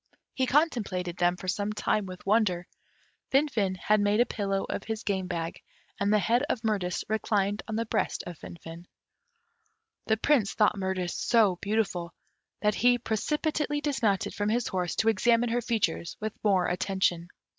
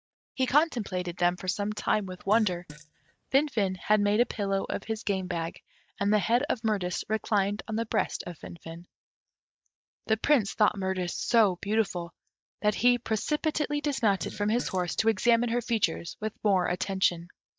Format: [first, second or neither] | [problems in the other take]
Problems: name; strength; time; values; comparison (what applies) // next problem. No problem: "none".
first | noise reduction (neural mask model DeepFilterNet 3)